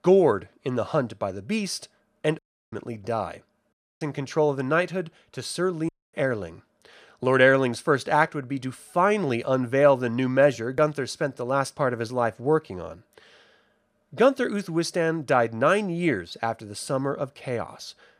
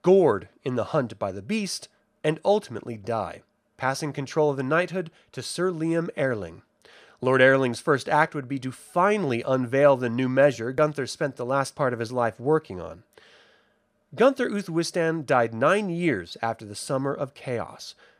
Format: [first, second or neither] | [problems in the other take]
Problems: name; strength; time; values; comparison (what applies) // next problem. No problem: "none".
second | audio cutting out; at 2.5 s, at 3.5 s and at 6 s